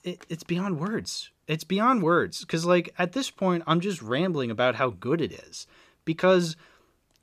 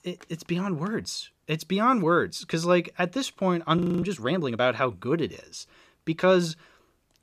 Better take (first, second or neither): first